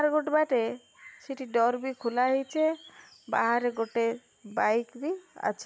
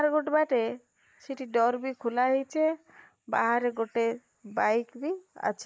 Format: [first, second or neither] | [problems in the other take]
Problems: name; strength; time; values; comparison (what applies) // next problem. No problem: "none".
first | noise reduction (neural mask model Resemble Enhance denoiser)